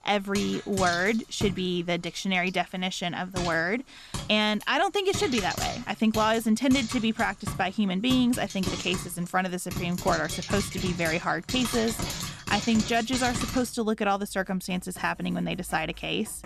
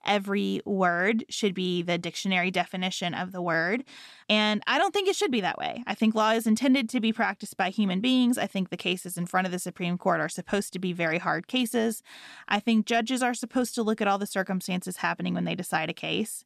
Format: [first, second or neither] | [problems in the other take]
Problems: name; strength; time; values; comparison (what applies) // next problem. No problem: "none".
second | household noises; loud; throughout; 7 dB below the speech